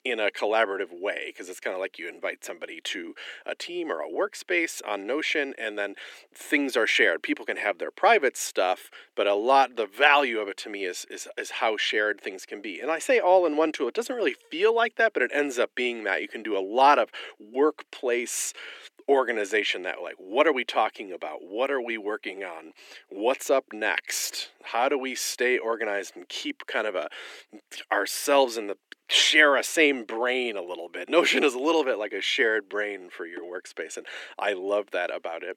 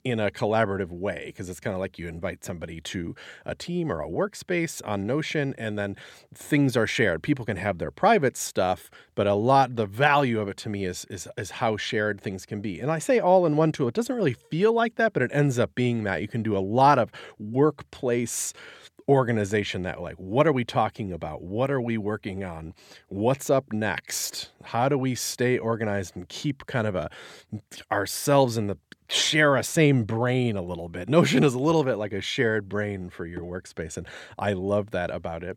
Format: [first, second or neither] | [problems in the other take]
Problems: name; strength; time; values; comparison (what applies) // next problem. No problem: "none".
second | thin; somewhat; fading below 300 Hz